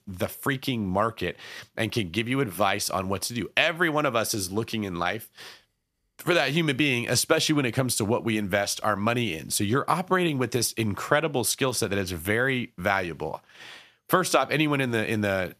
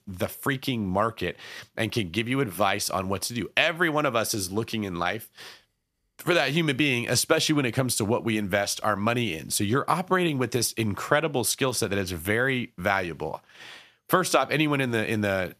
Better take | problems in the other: neither | none

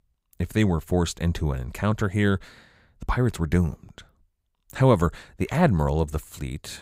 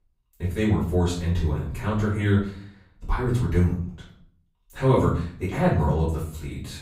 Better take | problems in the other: first | room echo; noticeable; dies away in 0.5 s // off-mic speech; far

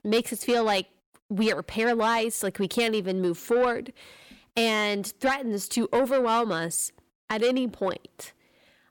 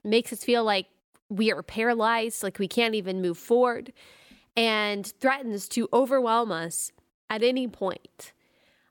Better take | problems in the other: second | distortion; slight; 10 dB below the speech

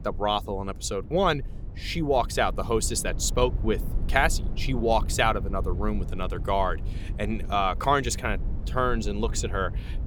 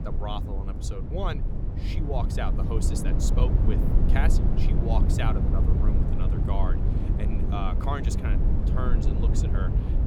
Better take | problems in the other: first | low rumble; loud; throughout; 2 dB below the speech; faint in the first

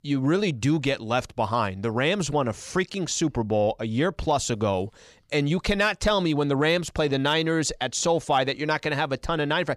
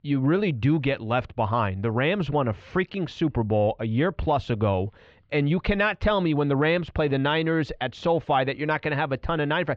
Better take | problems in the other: first | muffled; very; fading above 3 kHz

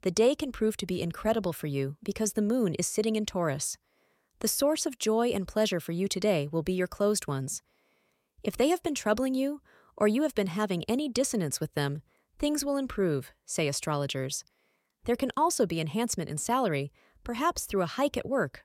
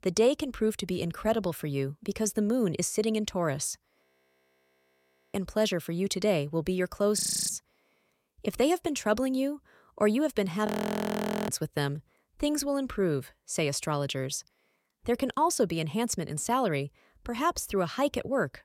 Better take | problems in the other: first | audio freezing; at 4 s for 1.5 s, at 7 s and at 11 s for 1 s

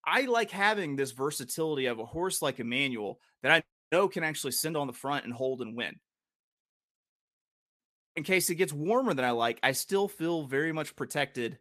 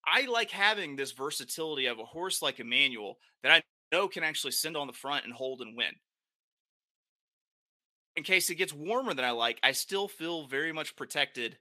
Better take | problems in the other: first | thin; very slightly; fading below 800 Hz

